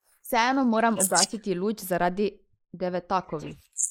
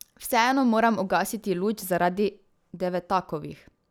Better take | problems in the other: second | noise reduction (neural mask model Resemble Enhance denoiser)

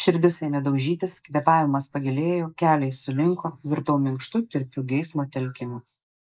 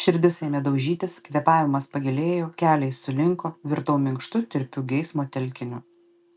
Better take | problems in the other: second | noise reduction (neural mask model Resemble Enhance denoiser)

